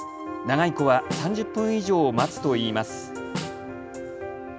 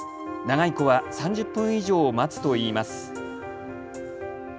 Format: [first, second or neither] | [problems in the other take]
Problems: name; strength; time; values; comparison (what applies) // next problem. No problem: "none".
second | background sound (Snare drum); 12 dB below the speech